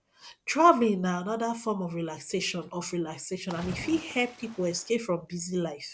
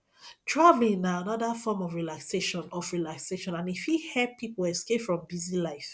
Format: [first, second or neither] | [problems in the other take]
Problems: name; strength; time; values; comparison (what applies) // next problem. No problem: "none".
second | background sound (Splash, splatter); 15 dB below the speech